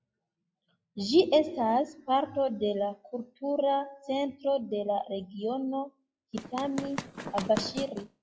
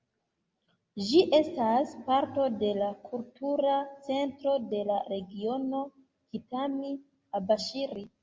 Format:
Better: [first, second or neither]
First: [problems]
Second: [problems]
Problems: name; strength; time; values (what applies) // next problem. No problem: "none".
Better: second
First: noise reduction (classical method log-MMSE)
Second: none